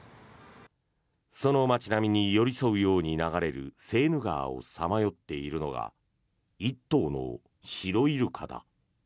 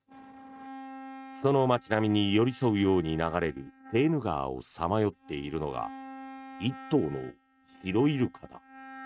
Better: first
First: none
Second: noise reduction (neural mask model RNNoise)

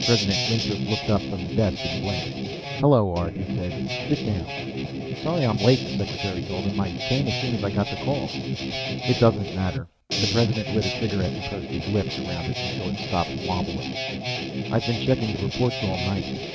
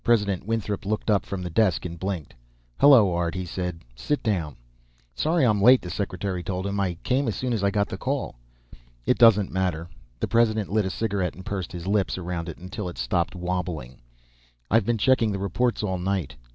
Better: second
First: noise reduction (neural mask model RNNoise)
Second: none

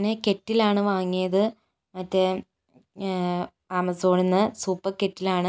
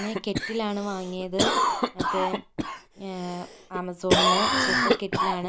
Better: first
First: none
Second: background sound (Cough); 5 dB above the speech

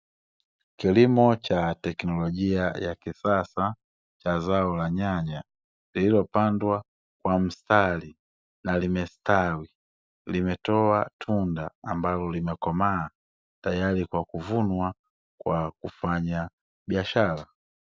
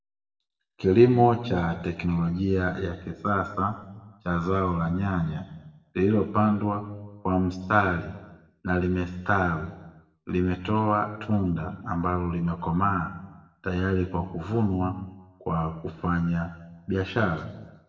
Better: first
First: none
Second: room echo; dies away in 1.1 s

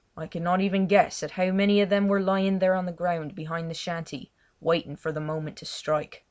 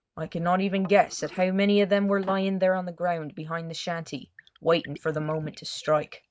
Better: first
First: none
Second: noise reduction (neural mask model DeepFilterNet 3)

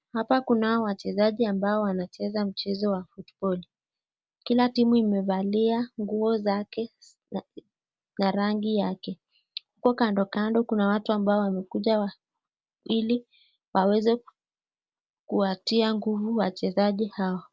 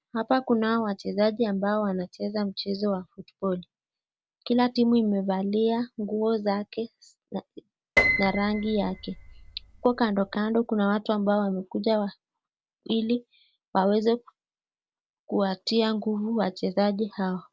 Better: first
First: none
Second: background sound (Piano); 4 dB below the speech

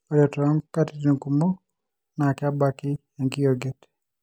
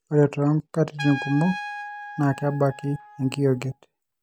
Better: first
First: none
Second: background sound (Trumpet); 14 dB below the speech

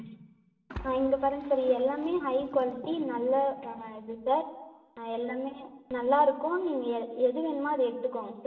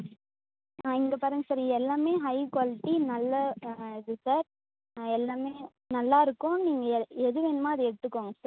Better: second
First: background sound (Splash, splatter); 19 dB below the speech // room echo; dies away in 1.1 s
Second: none

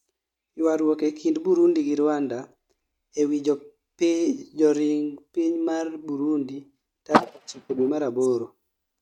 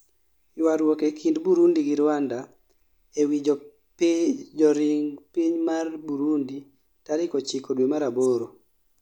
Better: second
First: noise reduction (neural mask model RNNoise)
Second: none

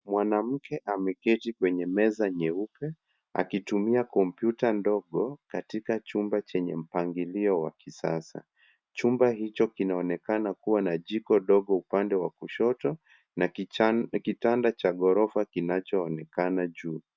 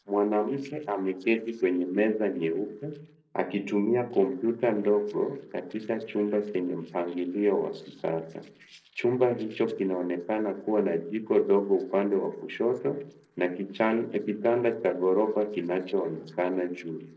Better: first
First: none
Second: noise reduction (neural separator model SepFormer DNS4)

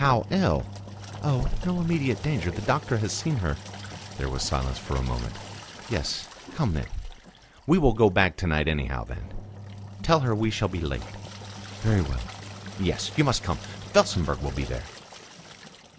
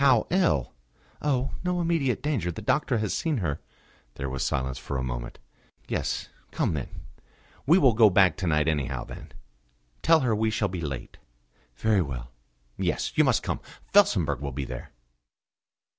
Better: second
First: background sound (Engine); 13 dB below the speech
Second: none

